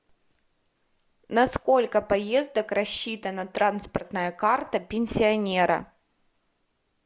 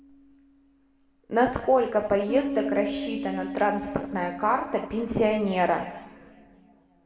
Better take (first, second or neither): first